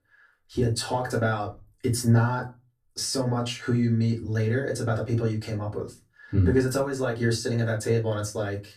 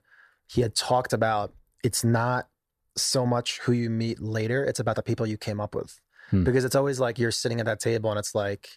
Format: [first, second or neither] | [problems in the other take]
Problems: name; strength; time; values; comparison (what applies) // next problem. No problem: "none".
second | off-mic speech; far // room echo; very slight; dies away in 0.2 s